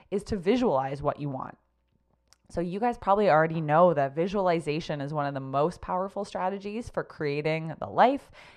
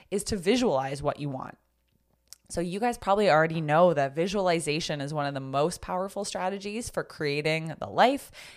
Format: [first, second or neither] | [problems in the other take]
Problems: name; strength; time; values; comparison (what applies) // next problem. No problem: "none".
second | muffled; slightly; fading above 1.5 kHz